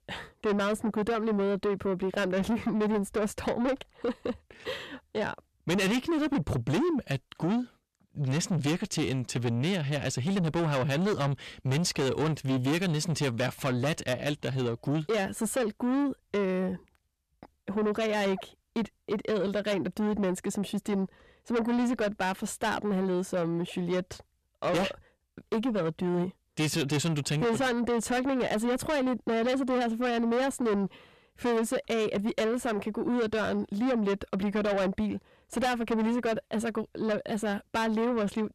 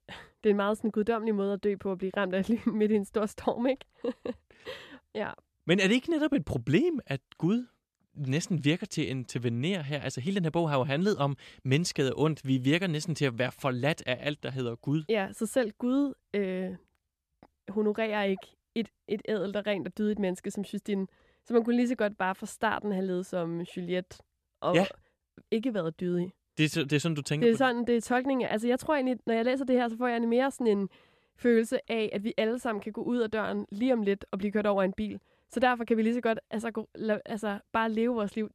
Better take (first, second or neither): second